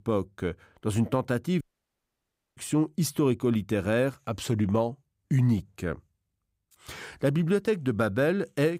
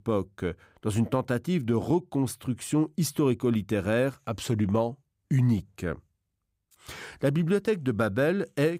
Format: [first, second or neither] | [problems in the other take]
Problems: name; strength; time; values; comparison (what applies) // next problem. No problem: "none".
second | audio cutting out; at 1.5 s for 1 s